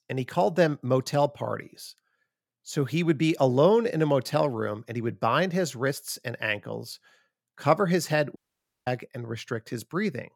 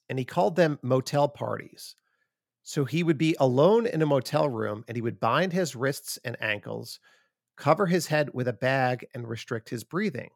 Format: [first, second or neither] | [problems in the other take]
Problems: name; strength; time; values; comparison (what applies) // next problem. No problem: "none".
second | audio cutting out; at 8.5 s for 0.5 s